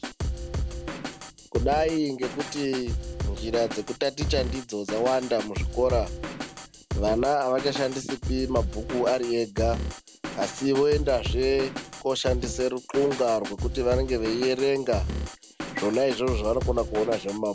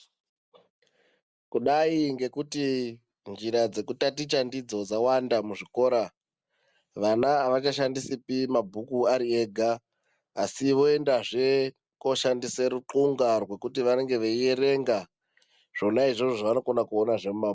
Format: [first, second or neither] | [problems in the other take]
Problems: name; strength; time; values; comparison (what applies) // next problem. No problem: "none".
second | background sound (Drum kit); 5 dB below the speech